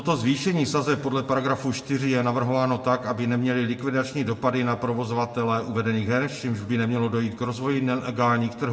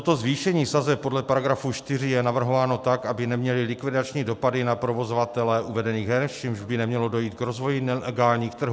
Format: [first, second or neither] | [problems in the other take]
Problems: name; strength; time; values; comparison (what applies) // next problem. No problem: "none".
second | room echo; dies away in 1.3 s